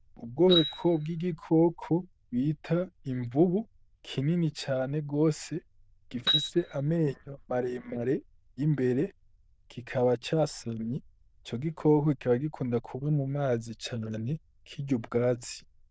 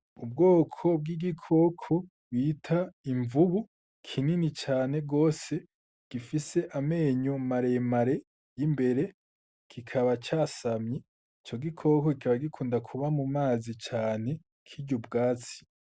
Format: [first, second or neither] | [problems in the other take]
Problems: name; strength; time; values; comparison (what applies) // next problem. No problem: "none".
second | noise reduction (neural diffusion model UNIVERSE++)